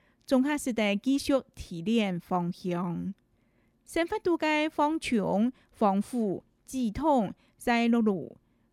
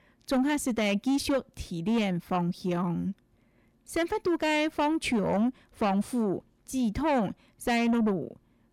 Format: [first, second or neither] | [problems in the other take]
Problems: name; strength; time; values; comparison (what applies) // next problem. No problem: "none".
first | distortion; slight; 10 dB below the speech